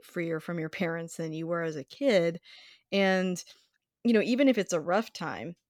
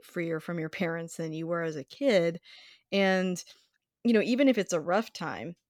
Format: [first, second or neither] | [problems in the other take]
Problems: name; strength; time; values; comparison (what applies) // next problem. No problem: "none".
neither | none